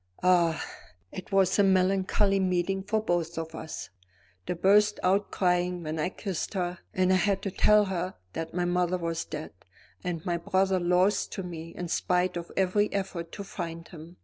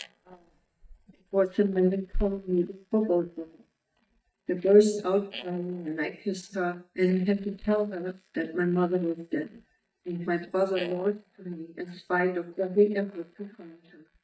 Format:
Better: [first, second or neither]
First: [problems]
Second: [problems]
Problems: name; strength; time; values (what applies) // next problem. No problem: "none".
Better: first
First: none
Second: noise reduction (neural mask model DeepFilterNet 3)